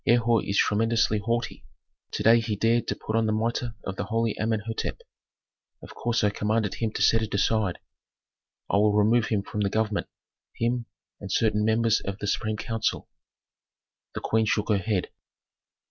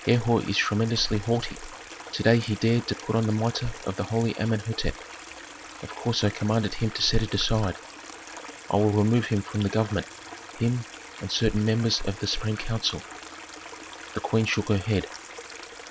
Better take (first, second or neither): first